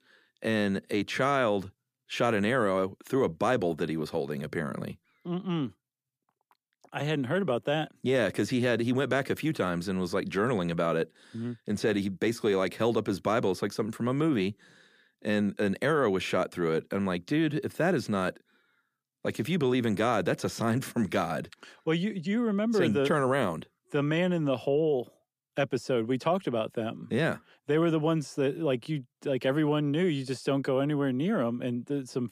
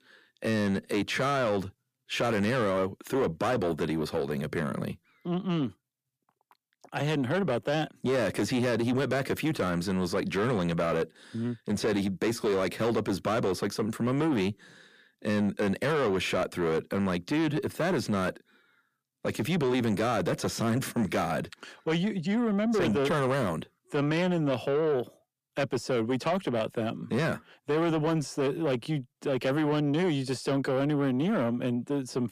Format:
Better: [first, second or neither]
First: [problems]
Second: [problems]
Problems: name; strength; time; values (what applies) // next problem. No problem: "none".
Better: first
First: none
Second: distortion; slight; 10 dB below the speech